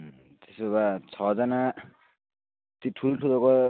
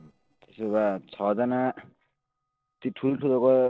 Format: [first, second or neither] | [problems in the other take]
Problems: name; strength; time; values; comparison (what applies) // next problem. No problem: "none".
first | noise reduction (neural separator model SepFormer DNS4)